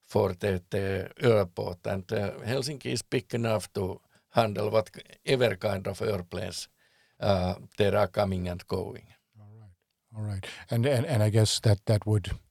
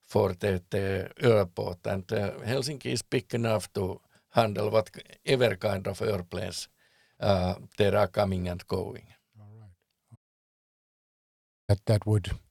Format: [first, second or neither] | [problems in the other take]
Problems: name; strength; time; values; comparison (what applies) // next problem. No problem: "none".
first | audio cutting out; at 10 s for 1.5 s